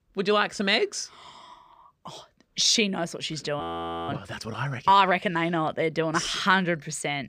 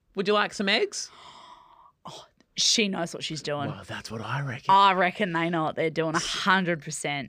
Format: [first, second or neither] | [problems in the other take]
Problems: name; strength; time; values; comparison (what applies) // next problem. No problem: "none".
second | audio freezing; at 3.5 s